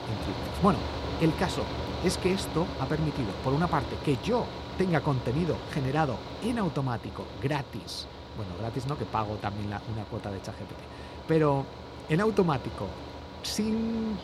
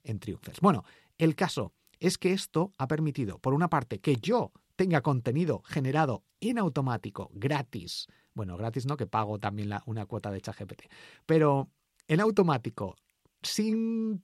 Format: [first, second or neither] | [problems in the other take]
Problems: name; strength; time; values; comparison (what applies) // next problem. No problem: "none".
second | machinery noise; loud; throughout; 8 dB below the speech